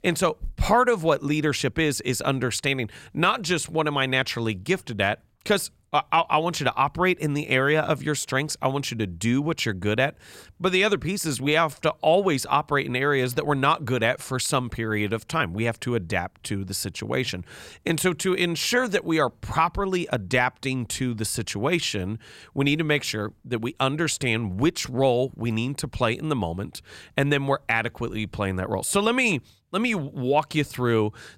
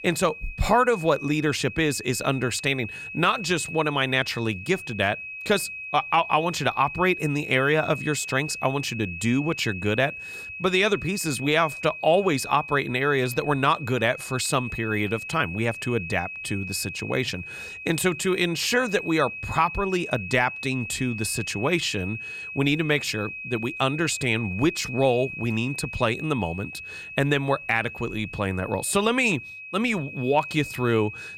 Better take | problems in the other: first | high-pitched whine; loud; throughout; 2.5 kHz, 10 dB below the speech

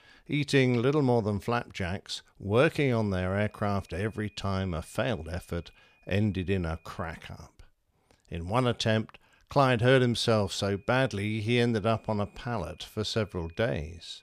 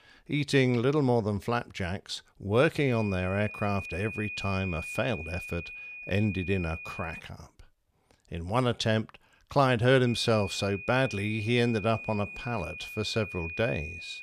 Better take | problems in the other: first | high-pitched whine; loud; from 3 to 7 s and from 10 s on; 2.5 kHz, 10 dB below the speech; faint in the first

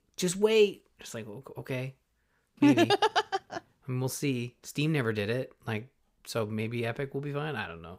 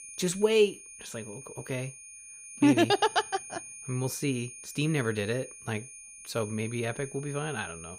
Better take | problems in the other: first | high-pitched whine; noticeable; throughout; 9.5 kHz, 15 dB below the speech

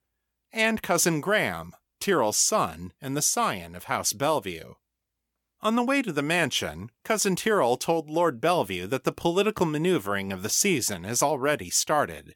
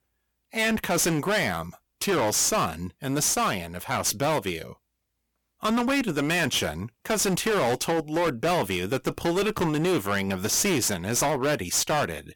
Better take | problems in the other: first | distortion; heavy; 20% of the sound clipped

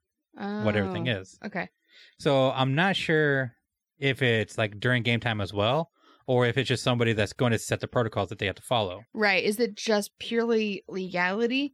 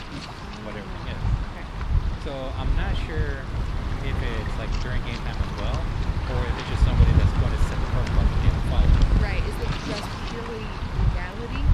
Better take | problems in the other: first | wind noise on the microphone; heavy; 3 dB above the speech

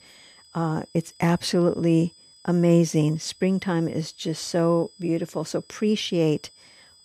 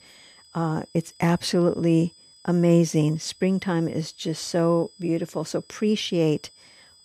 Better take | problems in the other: neither | high-pitched whine; faint; throughout; 5 kHz, 25 dB below the speech; the same in both

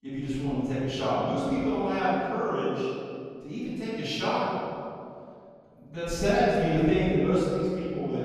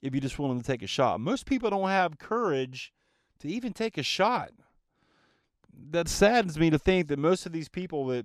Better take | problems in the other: second | off-mic speech; far // room echo; strong; dies away in 2.4 s

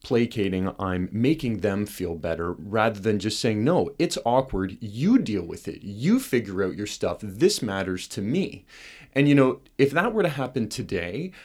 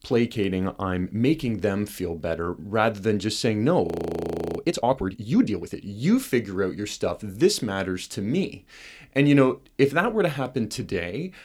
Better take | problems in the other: first | audio freezing; at 4 s for 0.5 s

